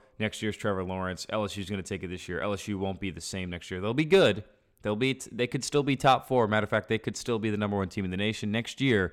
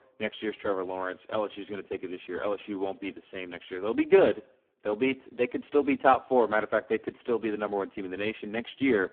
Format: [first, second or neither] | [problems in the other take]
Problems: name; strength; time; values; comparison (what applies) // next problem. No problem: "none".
first | phone-call audio; poor line